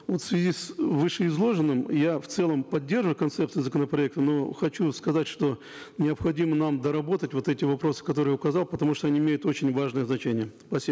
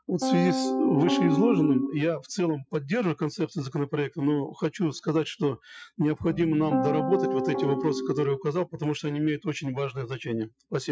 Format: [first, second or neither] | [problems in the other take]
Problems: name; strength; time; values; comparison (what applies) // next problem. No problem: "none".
first | noise reduction (classical method Wiener filter)